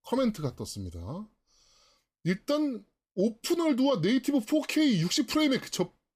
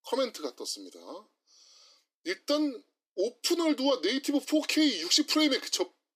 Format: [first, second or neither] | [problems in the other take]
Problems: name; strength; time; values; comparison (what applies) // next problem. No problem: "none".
first | thin; very slightly; fading below 300 Hz